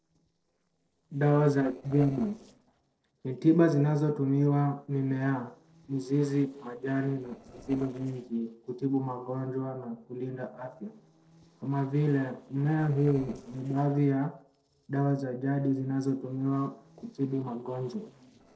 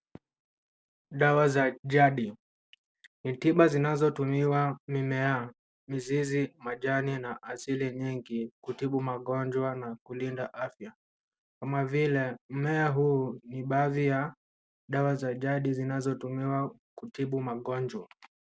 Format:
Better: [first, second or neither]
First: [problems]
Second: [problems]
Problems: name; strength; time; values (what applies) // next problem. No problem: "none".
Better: second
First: noise reduction (neural separator model SepFormer DNS4)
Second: none